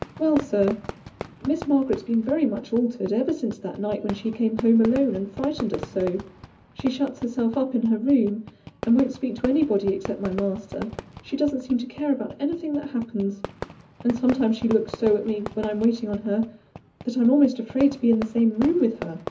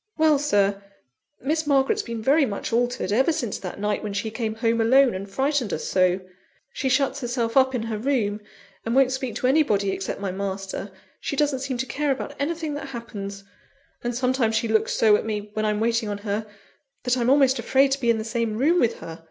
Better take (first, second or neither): second